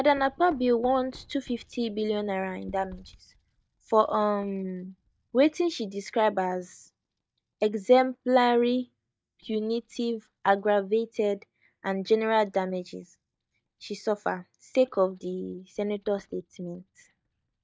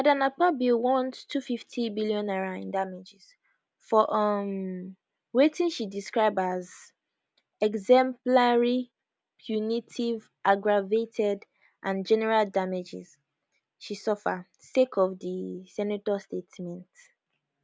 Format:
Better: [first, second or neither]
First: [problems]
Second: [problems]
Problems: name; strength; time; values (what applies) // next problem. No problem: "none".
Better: second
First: noise reduction (neural mask model DeepFilterNet 3)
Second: none